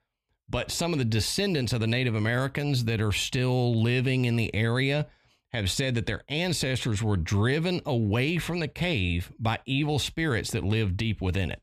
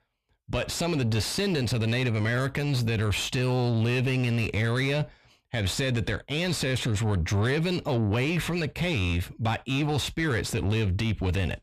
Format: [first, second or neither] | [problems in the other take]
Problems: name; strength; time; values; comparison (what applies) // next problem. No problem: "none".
first | distortion; slight; 10 dB below the speech